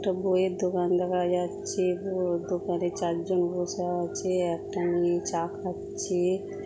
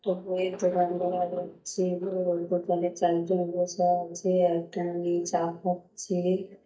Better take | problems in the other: first | noise reduction (neural mask model DeepFilterNet 3)

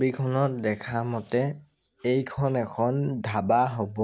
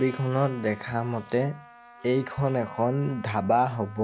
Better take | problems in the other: first | background sound (Trumpet); 20 dB below the speech

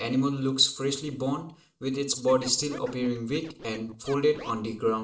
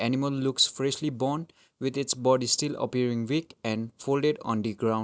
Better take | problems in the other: second | noise reduction (neural separator model SepFormer DNS4)

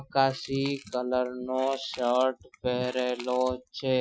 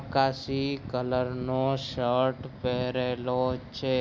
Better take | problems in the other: second | noise reduction (classical method Wiener filter)

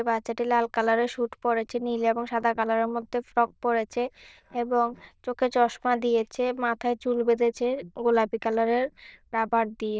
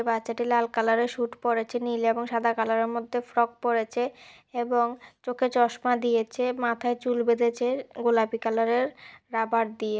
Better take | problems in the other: second | noise reduction (neural diffusion model UNIVERSE++)

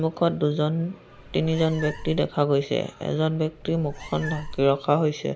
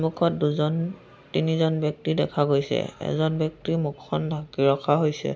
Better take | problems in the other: second | background sound (Meow); 14 dB below the speech

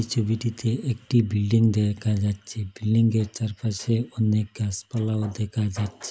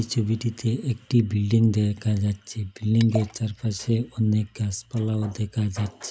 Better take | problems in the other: first | background sound (Liquid); 18 dB below the speech

